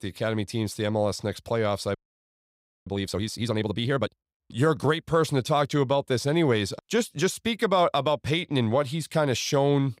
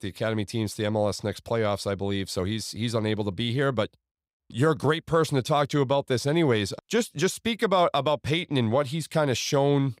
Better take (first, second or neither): second